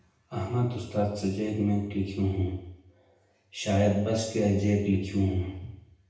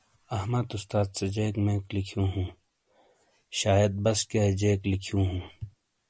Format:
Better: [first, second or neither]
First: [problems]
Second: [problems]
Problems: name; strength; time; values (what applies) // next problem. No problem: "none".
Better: second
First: room echo; dies away in 0.8 s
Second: none